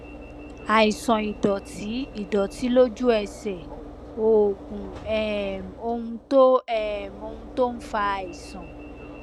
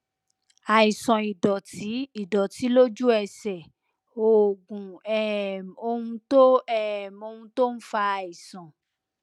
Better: second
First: background sound (Alarm / Engine / Train); 15 dB below the speech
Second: none

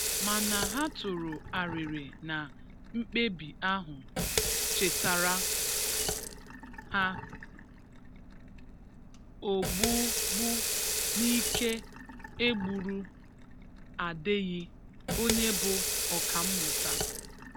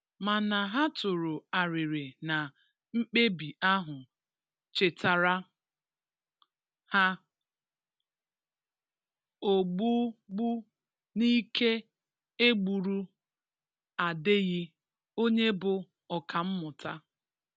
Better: second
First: background sound (Sink (filling or washing) / Water tap, faucet); 1 dB above the speech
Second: none

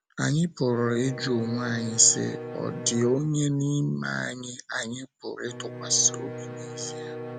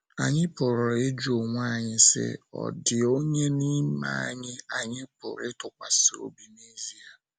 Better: second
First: background sound (Bowed string instrument); 12 dB below the speech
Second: none

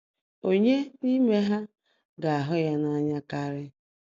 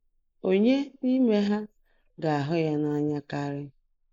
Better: first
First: none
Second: noise reduction (neural mask model Resemble Enhance denoiser)

